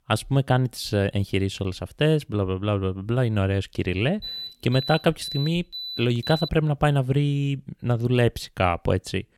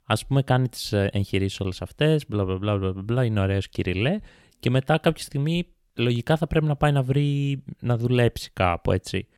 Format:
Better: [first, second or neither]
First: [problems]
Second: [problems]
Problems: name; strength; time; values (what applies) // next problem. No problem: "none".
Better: second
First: alarm; noticeable; from 4 to 6.5 s; peak 8 dB below the speech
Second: none